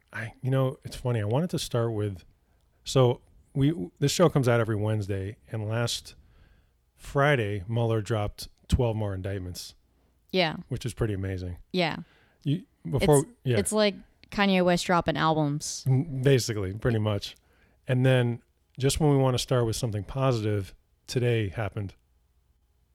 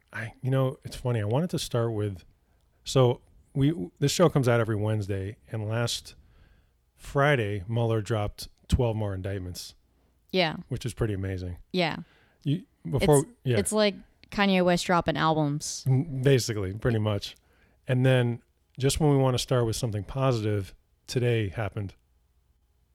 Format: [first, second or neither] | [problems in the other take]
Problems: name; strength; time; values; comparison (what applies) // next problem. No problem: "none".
neither | none